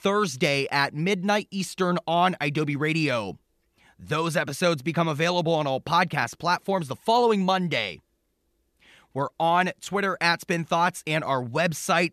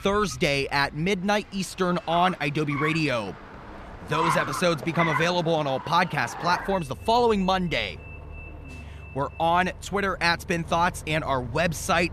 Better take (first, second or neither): first